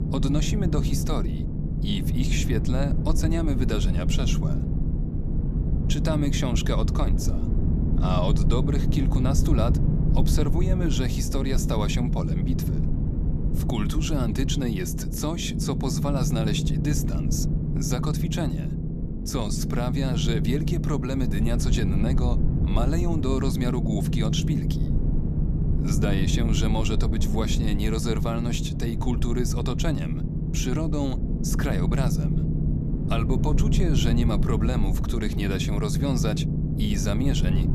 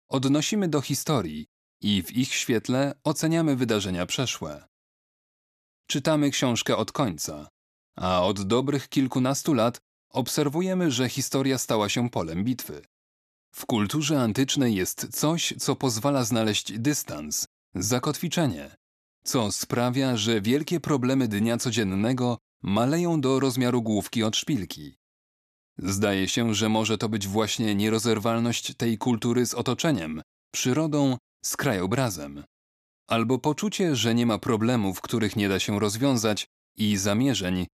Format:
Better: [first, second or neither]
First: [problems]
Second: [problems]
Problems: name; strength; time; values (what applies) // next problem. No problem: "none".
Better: second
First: low rumble; loud; throughout; 4 dB below the speech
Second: none